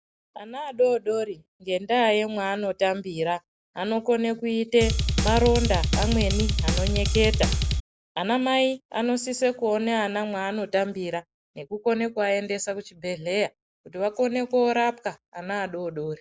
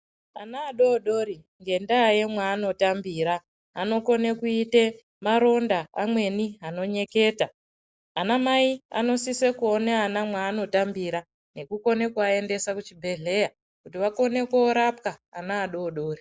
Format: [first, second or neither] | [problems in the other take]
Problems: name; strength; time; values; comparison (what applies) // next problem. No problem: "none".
second | background sound (Drum kit); 2 dB above the speech